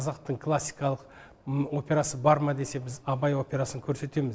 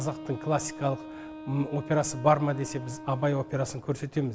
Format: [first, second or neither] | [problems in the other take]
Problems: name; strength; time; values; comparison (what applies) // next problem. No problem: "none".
first | background sound (Wind instrument, woodwind instrument); 13 dB below the speech